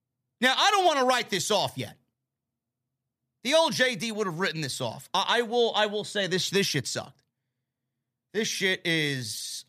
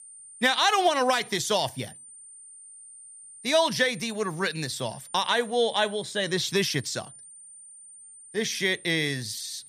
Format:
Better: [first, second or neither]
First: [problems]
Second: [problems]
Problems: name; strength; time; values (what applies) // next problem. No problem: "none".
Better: first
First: none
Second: high-pitched whine; noticeable; throughout; 9 kHz, 20 dB below the speech